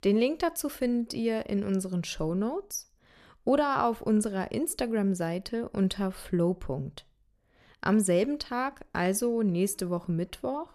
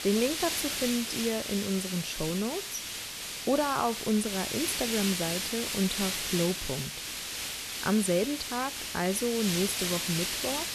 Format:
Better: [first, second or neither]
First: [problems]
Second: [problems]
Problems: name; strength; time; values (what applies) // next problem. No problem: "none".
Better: first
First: none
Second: hiss; loud; throughout; 1 dB below the speech